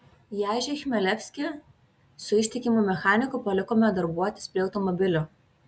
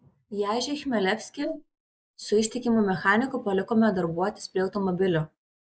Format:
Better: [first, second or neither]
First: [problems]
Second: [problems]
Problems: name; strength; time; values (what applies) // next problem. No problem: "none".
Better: first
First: none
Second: noise reduction (neural mask model Resemble Enhance denoiser)